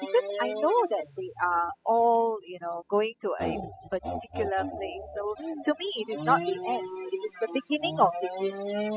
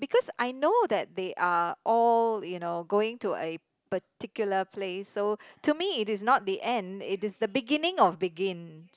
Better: second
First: noise reduction (classical method spectral subtraction)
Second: none

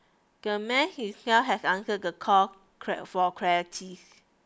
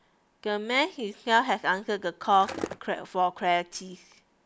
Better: first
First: none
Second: background sound (Skateboard); 7 dB below the speech

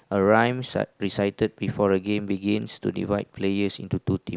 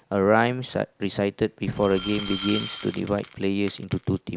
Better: first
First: none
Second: background sound (Glass); 13 dB below the speech

